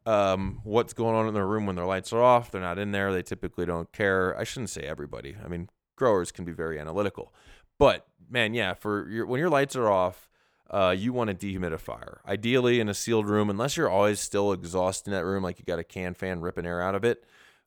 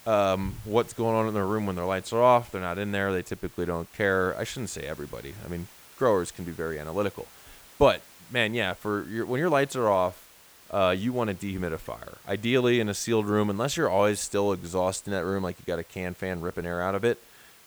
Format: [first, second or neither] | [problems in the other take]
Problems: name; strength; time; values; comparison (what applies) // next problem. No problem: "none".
first | hiss; faint; throughout; 25 dB below the speech